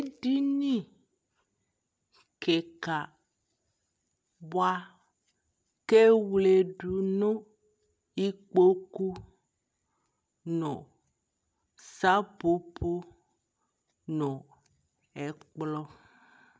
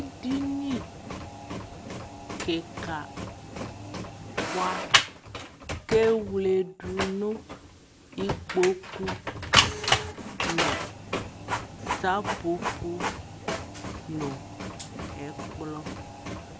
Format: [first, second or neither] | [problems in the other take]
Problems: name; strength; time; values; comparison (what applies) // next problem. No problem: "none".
first | background sound (Printer); 1 dB above the speech